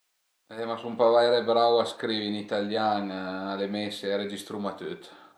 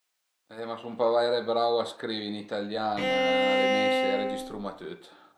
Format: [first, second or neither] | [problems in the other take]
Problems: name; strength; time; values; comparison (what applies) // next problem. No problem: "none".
first | background sound (Bowed string instrument); 4 dB above the speech